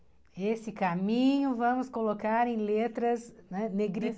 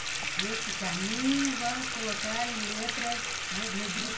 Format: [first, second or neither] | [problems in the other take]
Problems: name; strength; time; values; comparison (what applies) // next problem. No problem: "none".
first | background sound (Bathtub (filling or washing) / Water tap, faucet); 1 dB above the speech // room echo; dies away in 0.2 s